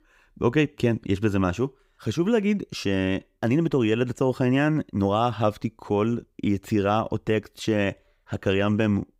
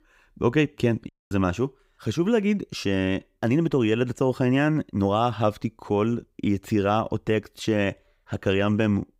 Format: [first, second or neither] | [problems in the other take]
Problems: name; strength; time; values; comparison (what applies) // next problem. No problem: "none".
first | audio cutting out; at 1 s